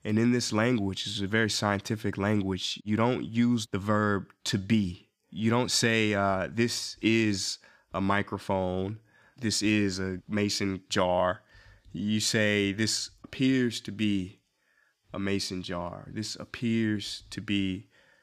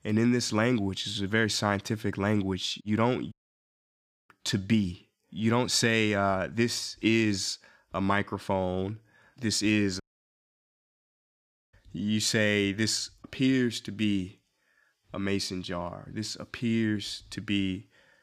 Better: first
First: none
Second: audio cutting out; at 3.5 s for 1 s and at 10 s for 1.5 s

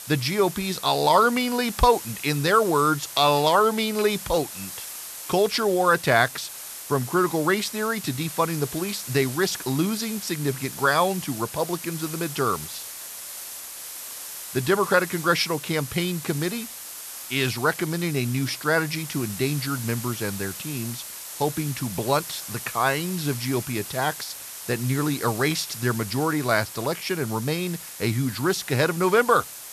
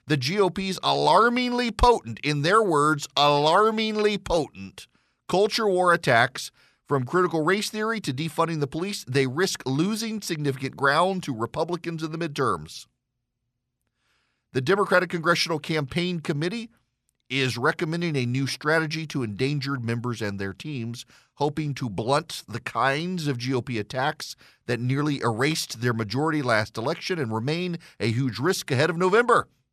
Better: second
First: hiss; noticeable; throughout; 10 dB below the speech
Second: none

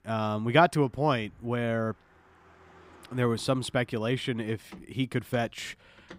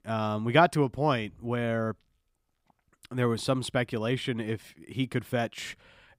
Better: second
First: traffic noise; faint; throughout; 30 dB below the speech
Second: none

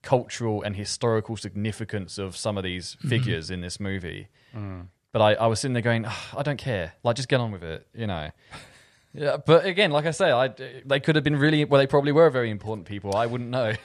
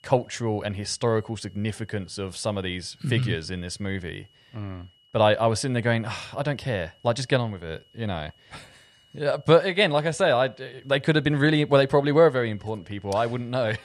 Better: first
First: none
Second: high-pitched whine; faint; throughout; 3 kHz, 35 dB below the speech

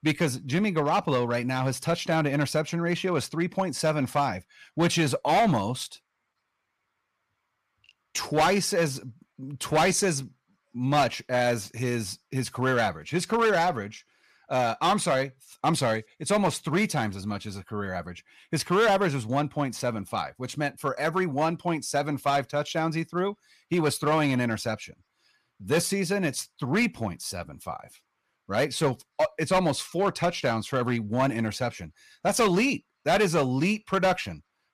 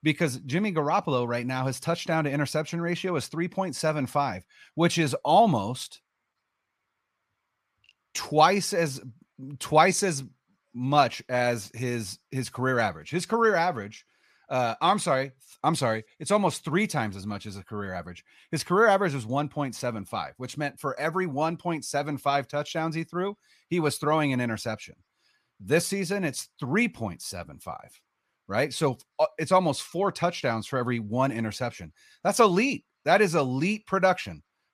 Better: second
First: distortion; slight; 5% of the sound clipped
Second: none

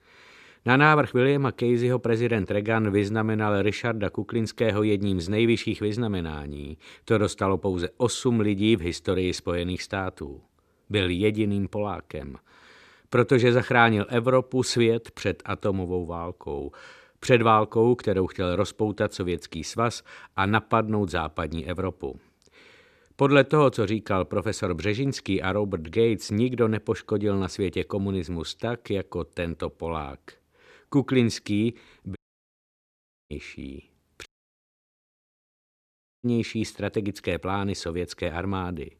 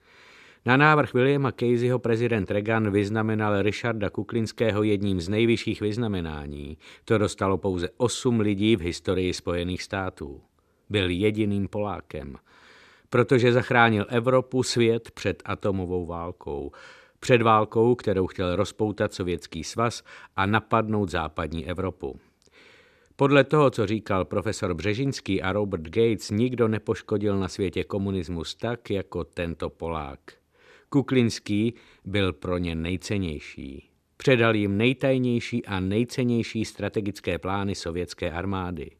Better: second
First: audio cutting out; at 32 s for 1 s and at 34 s for 2 s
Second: none

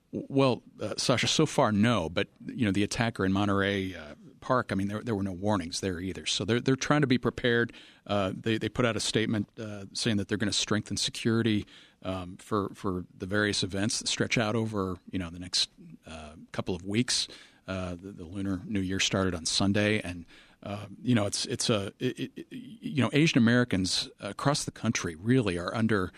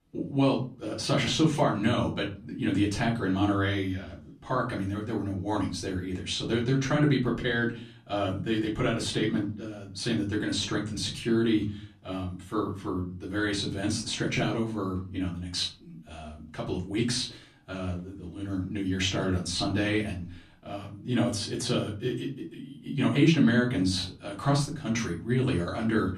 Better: first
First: none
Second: off-mic speech; far // room echo; slight; dies away in 0.5 s

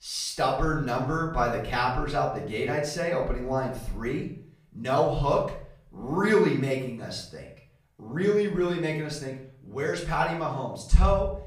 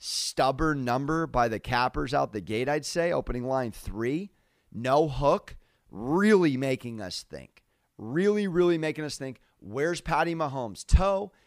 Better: second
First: off-mic speech; far // room echo; slight; dies away in 0.5 s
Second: none

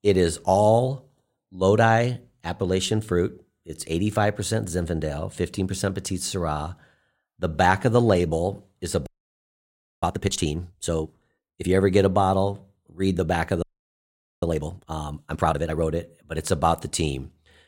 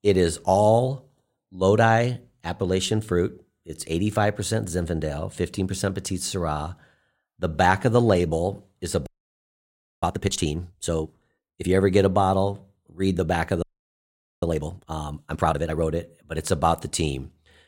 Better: neither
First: audio freezing; at 9 s for 1 s and at 14 s for 1 s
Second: audio freezing; at 9 s for 1 s and at 14 s for 1 s

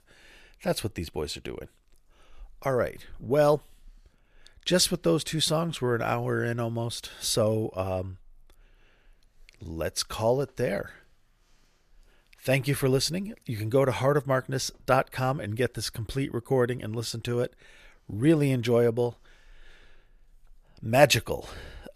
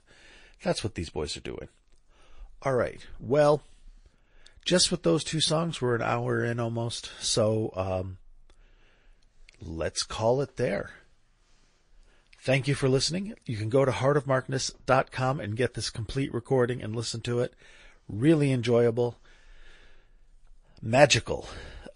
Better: first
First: none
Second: garbled, watery; slightly; nothing above 10 kHz

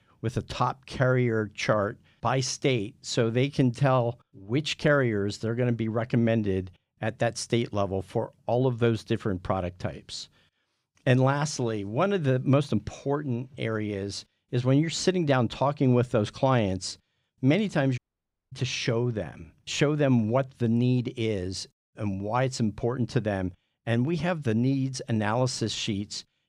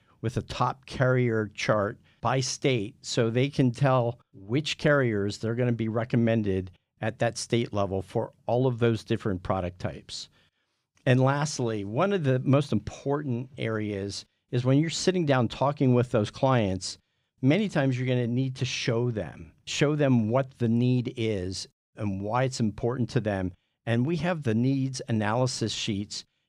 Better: second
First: audio cutting out; at 18 s for 0.5 s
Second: none

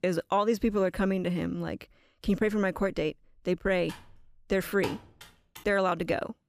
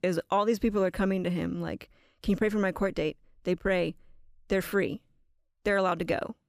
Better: second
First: keyboard typing; faint; from 4 to 5.5 s; peak 10 dB below the speech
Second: none

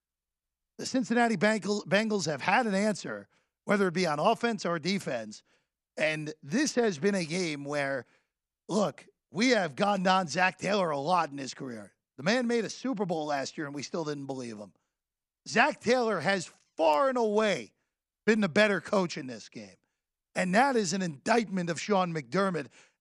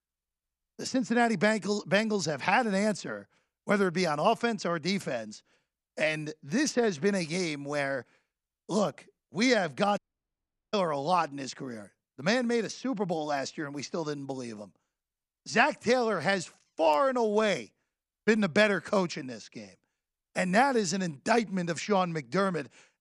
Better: first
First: none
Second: audio cutting out; at 10 s for 1 s

